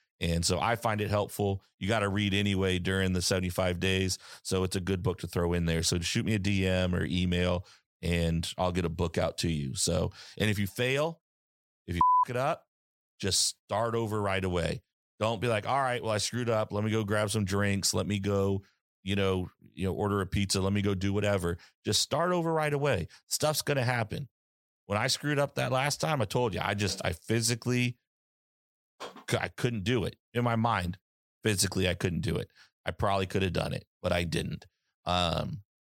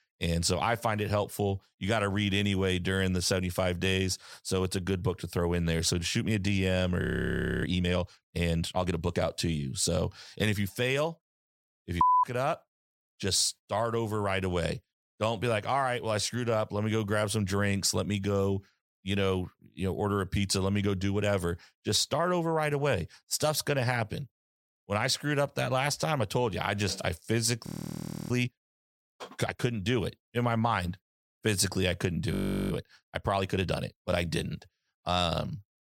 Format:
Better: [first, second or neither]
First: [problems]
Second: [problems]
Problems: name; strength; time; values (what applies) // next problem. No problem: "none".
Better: first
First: none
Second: audio freezing; at 7 s for 0.5 s, at 28 s for 0.5 s and at 32 s